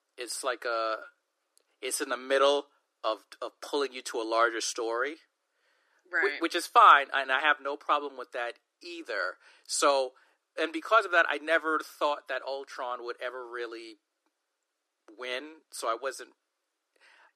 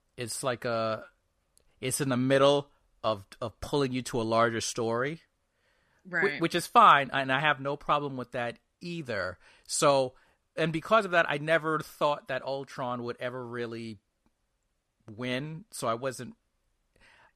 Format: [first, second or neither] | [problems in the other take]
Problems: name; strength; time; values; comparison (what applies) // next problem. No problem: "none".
second | thin; very; fading below 300 Hz